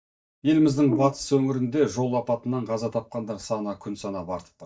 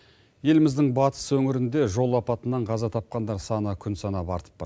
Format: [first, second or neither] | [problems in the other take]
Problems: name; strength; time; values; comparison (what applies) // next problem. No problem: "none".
second | noise reduction (neural mask model DeepFilterNet 3)